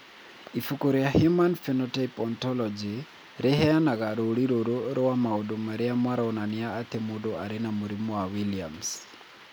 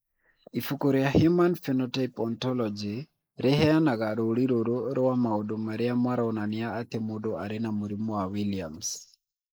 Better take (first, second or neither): first